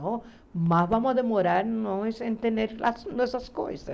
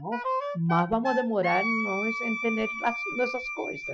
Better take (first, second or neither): first